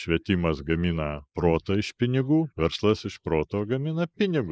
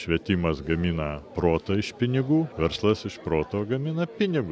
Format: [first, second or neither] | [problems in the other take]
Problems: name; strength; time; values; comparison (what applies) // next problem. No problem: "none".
second | noise reduction (neural mask model Resemble Enhance denoiser)